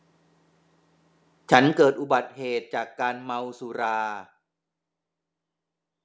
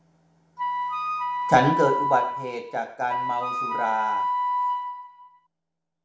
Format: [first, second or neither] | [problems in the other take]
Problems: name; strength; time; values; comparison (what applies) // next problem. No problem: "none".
first | background sound (Wind instrument, woodwind instrument); 1 dB above the speech // room echo; dies away in 0.5 s